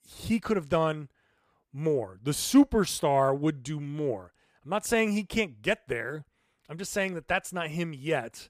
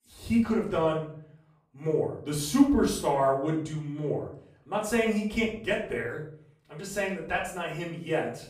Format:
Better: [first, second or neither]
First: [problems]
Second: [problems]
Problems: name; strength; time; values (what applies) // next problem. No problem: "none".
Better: first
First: none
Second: off-mic speech; far // room echo; noticeable; dies away in 0.5 s